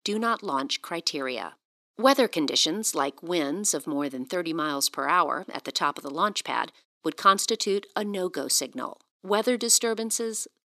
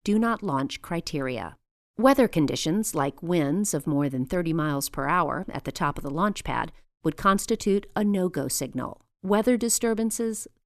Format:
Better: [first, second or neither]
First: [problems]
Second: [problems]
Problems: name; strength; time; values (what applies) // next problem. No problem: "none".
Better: second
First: thin; very slightly; fading below 250 Hz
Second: none